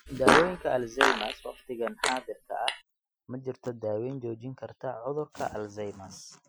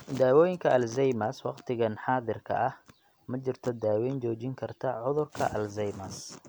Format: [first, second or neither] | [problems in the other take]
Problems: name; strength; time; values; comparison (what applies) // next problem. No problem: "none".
second | noise reduction (classical method Wiener filter)